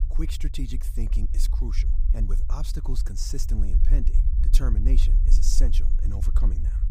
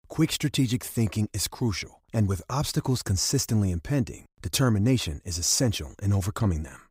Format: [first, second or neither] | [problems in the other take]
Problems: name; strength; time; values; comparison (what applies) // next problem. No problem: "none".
second | low rumble; loud; throughout; 8 dB below the speech